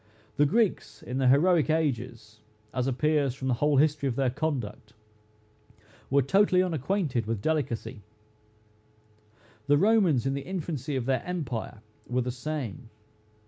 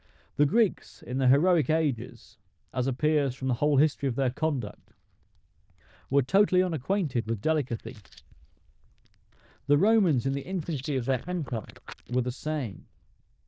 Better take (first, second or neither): first